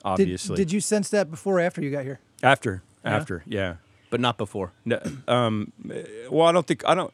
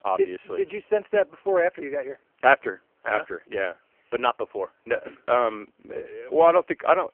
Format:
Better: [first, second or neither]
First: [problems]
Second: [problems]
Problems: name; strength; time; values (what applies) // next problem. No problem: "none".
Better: first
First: none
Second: phone-call audio; poor line; nothing above 3 kHz